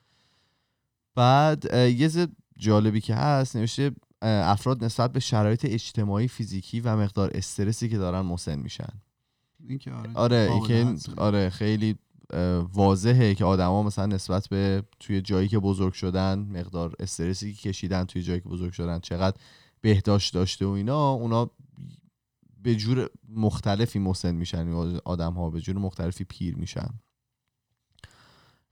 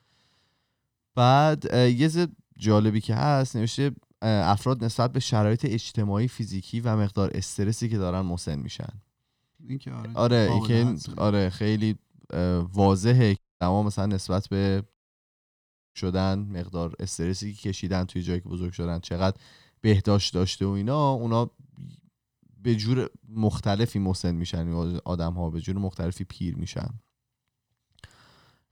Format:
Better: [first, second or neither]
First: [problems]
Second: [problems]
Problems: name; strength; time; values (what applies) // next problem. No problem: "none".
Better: first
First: none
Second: audio cutting out; at 13 s and at 15 s for 1 s